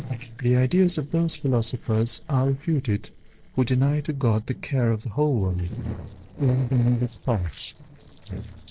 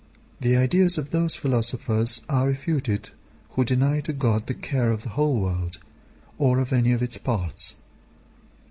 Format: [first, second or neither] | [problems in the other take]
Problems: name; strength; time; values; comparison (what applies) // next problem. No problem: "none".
second | noise reduction (neural separator model SepFormer DNS4)